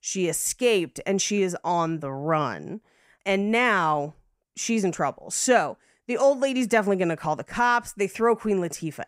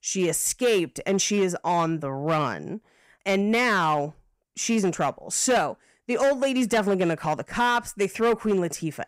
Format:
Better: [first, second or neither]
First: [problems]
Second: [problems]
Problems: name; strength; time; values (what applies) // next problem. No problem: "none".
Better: first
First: none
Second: distortion; slight; 7% of the sound clipped